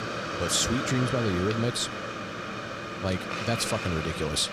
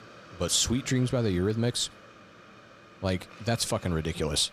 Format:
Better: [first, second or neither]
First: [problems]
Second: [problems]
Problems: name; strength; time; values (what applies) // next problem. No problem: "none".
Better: second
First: hiss; loud; throughout; 4 dB below the speech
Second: hiss; faint; throughout; 20 dB below the speech